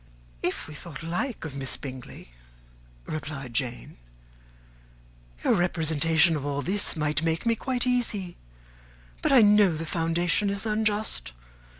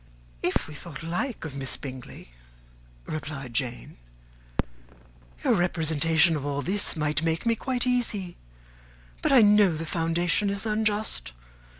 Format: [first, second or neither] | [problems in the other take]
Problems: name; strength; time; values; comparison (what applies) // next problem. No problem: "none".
first | background sound (Fireworks); 10 dB below the speech